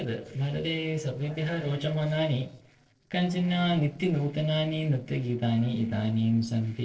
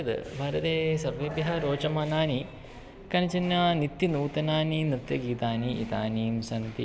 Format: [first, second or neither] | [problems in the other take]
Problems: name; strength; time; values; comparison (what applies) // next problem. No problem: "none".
second | noise reduction (neural separator model SepFormer DNS4)